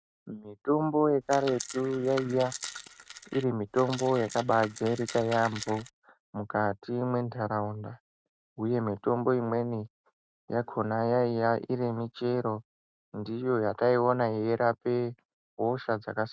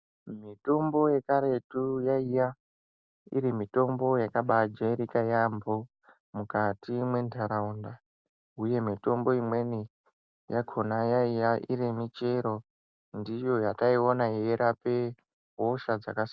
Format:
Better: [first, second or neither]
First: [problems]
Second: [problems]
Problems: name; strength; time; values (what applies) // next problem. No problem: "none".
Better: second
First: noise reduction (neural mask model RNNoise)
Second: none